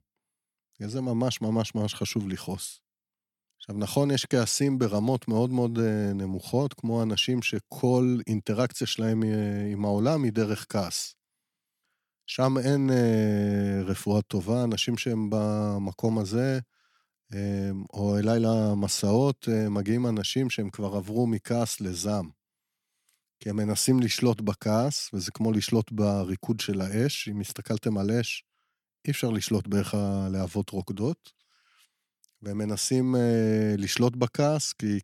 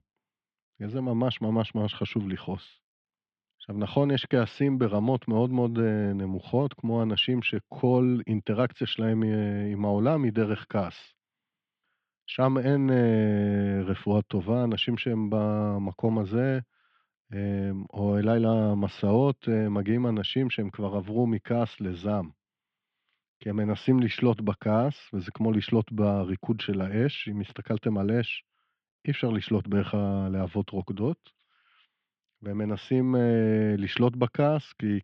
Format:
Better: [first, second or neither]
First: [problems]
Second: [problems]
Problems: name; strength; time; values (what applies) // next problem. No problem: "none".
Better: first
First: none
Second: muffled; very; fading above 3.5 kHz